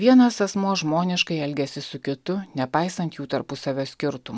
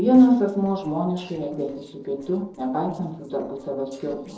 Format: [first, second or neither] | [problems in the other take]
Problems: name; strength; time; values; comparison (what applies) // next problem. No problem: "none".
first | noise reduction (neural separator model SepFormer DNS4)